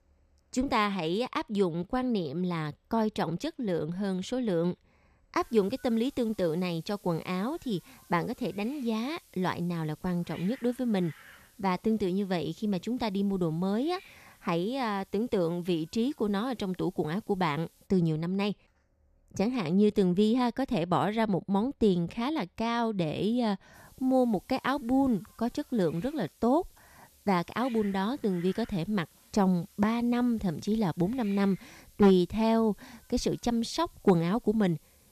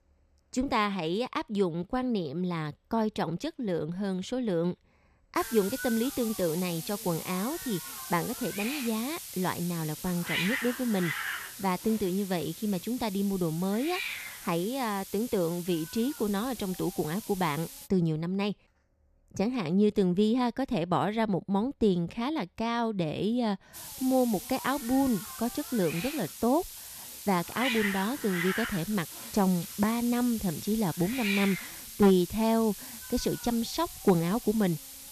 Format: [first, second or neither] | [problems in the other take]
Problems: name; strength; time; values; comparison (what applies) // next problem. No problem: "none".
first | hiss; loud; from 5.5 to 18 s and from 24 s on; 8 dB below the speech; faint in the first